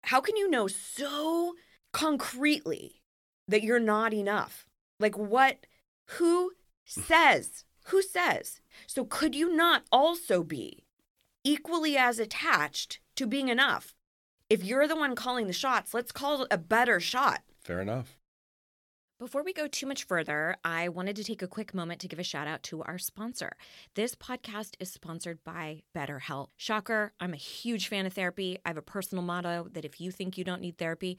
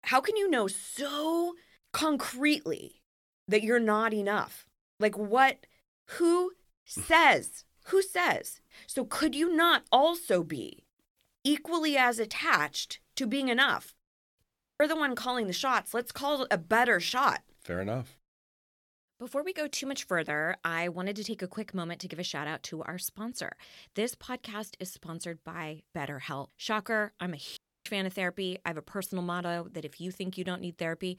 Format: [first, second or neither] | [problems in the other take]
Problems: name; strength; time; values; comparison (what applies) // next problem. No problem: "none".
first | audio cutting out; at 14 s and at 28 s